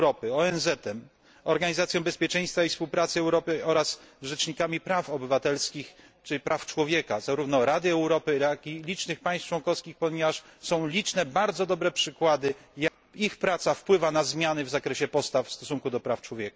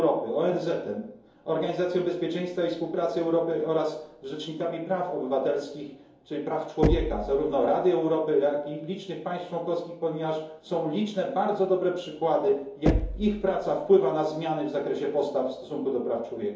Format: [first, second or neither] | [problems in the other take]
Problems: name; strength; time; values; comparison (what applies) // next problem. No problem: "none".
first | background sound (Knock); 4 dB below the speech // room echo; dies away in 2.8 s